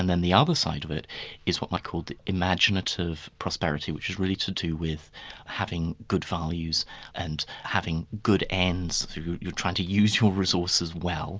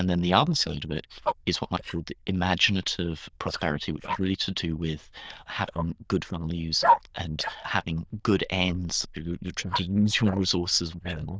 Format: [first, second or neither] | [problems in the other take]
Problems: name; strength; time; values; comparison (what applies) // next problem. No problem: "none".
first | noise reduction (neural diffusion model UNIVERSE++)